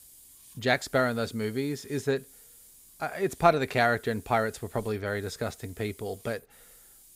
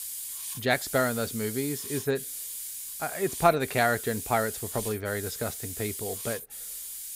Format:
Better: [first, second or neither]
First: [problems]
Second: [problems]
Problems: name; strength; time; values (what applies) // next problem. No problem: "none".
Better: first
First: hiss; faint; throughout; 20 dB below the speech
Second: hiss; loud; throughout; 6 dB below the speech